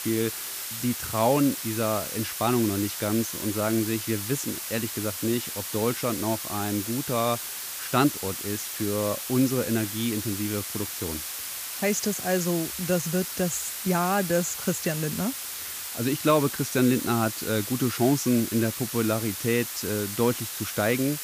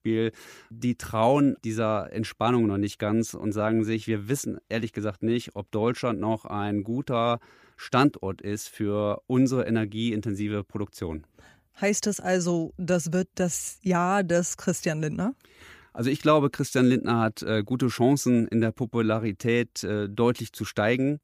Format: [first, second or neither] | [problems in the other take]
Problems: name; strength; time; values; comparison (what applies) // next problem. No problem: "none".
second | hiss; loud; throughout; 5 dB below the speech